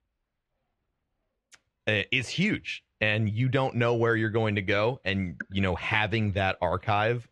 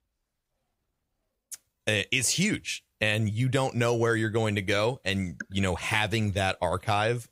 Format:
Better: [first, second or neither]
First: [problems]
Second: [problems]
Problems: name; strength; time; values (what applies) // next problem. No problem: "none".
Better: second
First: muffled; slightly; fading above 2.5 kHz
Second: none